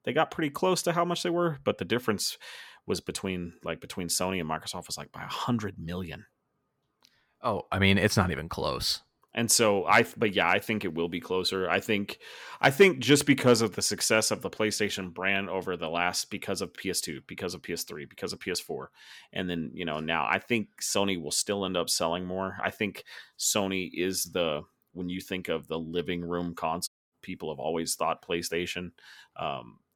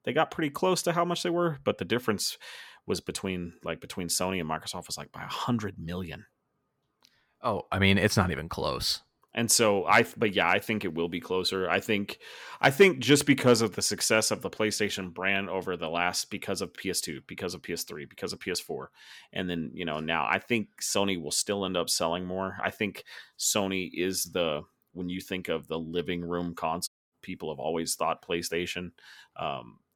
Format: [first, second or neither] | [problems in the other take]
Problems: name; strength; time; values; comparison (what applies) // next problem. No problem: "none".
neither | audio cutting out; at 27 s; the same in both